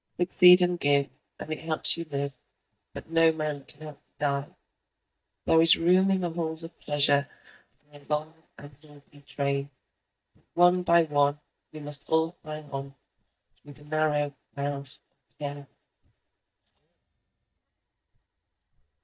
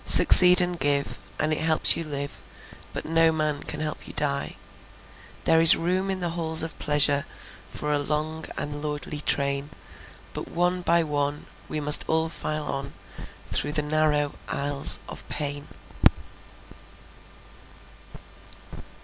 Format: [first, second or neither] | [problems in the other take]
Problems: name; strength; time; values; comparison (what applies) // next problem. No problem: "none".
second | noise reduction (neural mask model DeepFilterNet 3)